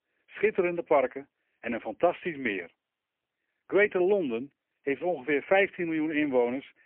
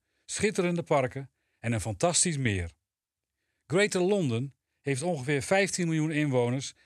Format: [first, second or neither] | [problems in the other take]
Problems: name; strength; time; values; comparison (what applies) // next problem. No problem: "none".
second | phone-call audio; poor line